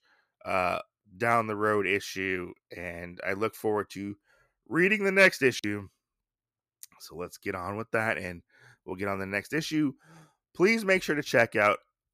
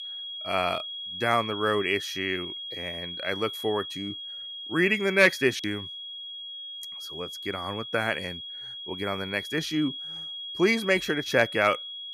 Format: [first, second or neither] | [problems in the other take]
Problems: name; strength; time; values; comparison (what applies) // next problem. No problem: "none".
first | high-pitched whine; loud; throughout; 3.5 kHz, 8 dB below the speech